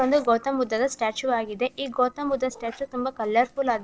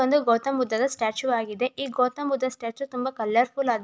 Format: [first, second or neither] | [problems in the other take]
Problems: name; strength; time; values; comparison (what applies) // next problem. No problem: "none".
second | noise reduction (neural separator model SepFormer DNS4)